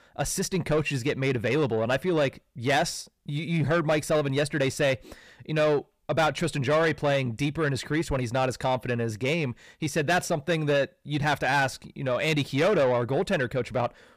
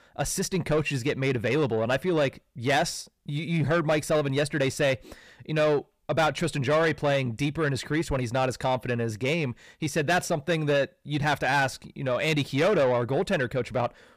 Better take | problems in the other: neither | distortion; slight; 10 dB below the speech; the same in both

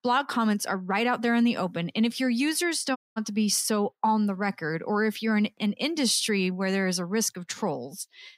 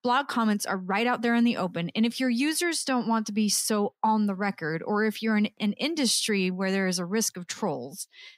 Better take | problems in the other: second | audio cutting out; at 3 s

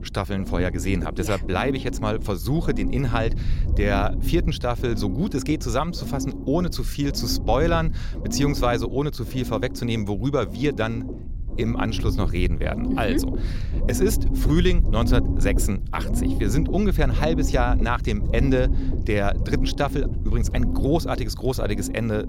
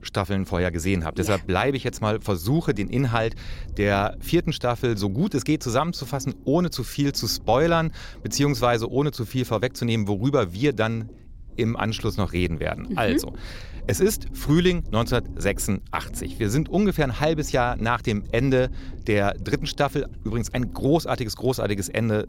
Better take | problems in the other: second | low rumble; loud; throughout; 10 dB below the speech; faint in the second

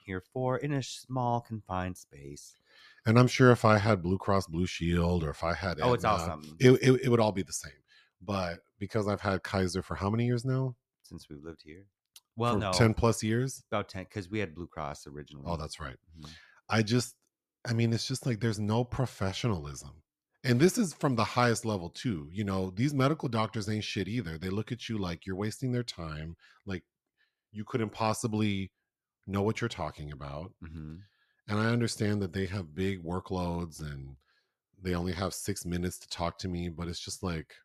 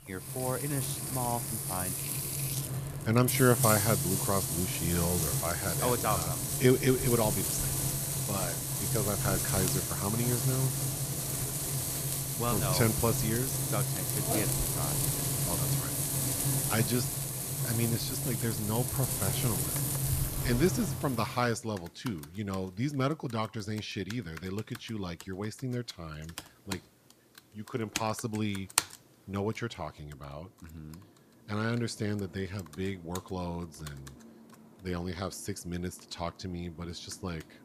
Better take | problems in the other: first | household noises; very loud; throughout; 2 dB above the speech

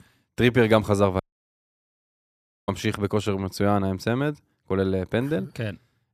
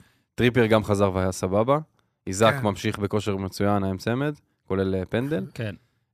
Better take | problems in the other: second | audio cutting out; at 1 s for 1.5 s

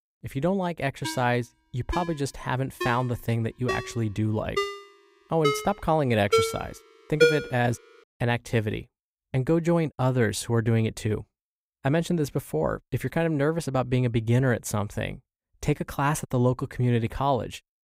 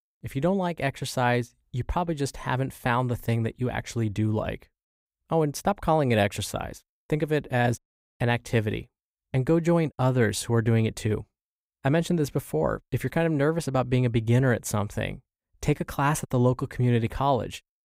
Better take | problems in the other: second | phone ringing; loud; from 1 to 7.5 s; peak 4 dB above the speech

